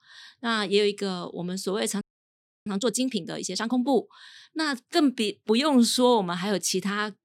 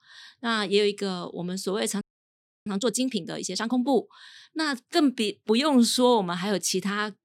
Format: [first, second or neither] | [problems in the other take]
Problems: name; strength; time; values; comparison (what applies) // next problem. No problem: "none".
neither | audio freezing; at 2 s for 0.5 s; the same in both